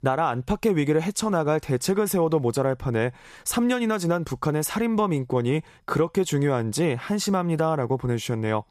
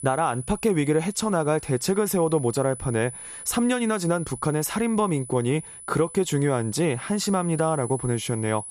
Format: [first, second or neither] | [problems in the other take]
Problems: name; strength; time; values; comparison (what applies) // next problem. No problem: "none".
first | high-pitched whine; noticeable; throughout; 10 kHz, 15 dB below the speech